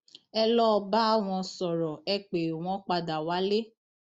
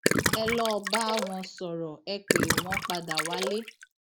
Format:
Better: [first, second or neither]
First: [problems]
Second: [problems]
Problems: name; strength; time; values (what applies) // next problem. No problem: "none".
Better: first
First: none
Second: background sound (Gurgling); 3 dB above the speech